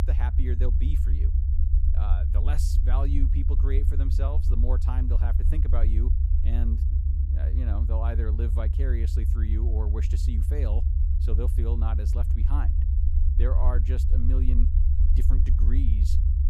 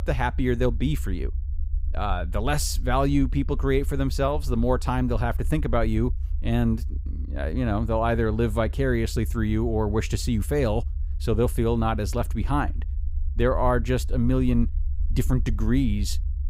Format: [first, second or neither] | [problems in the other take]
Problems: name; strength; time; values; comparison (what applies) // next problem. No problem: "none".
second | low rumble; loud; throughout; 3 dB below the speech; faint in the second